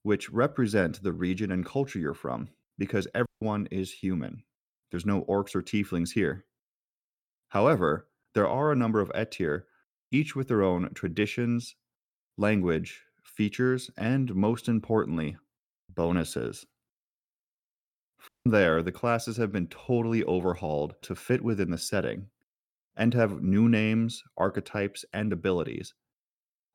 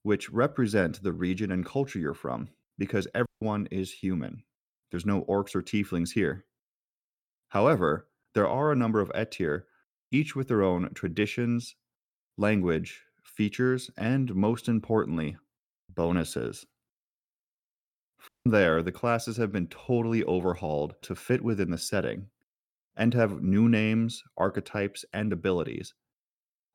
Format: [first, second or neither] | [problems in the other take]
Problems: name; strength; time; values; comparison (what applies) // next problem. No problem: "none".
neither | audio cutting out; at 3.5 s and at 18 s; the same in both